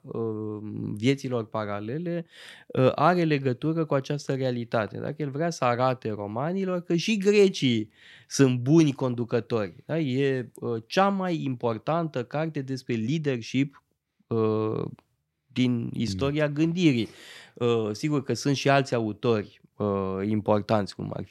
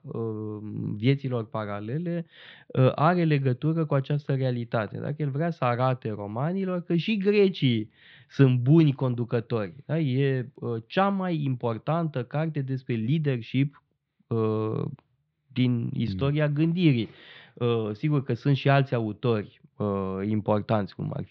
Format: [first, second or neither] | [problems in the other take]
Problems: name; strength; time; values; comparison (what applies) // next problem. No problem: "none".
first | muffled; slightly; fading above 4 kHz